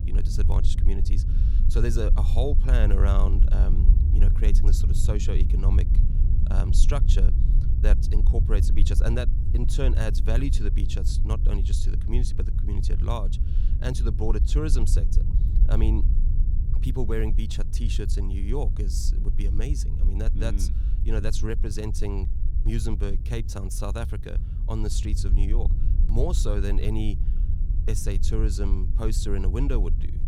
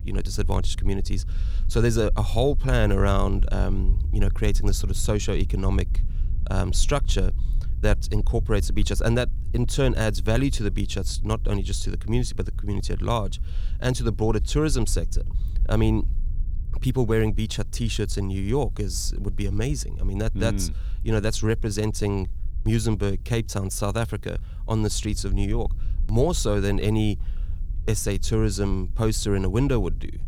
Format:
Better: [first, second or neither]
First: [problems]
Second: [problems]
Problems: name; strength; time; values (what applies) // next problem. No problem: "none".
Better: second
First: low rumble; loud; throughout; 8 dB below the speech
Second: low rumble; faint; throughout; 20 dB below the speech